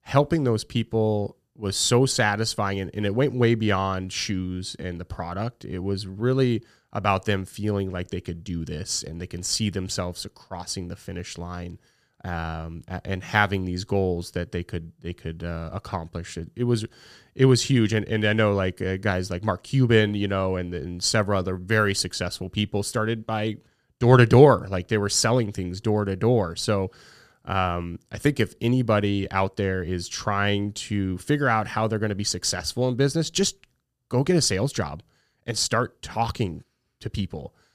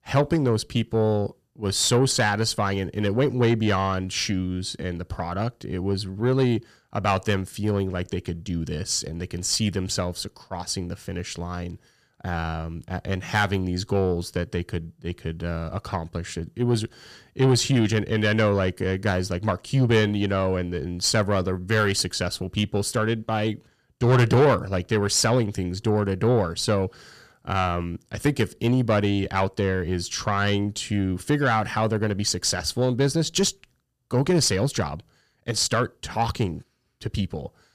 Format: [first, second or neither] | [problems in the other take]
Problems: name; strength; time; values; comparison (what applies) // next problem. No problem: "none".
first | distortion; slight; 10 dB below the speech